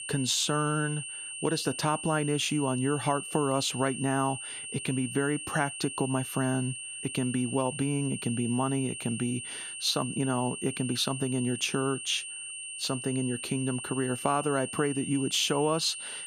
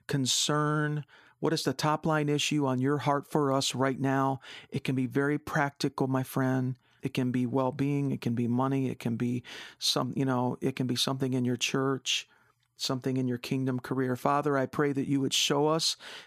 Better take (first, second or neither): second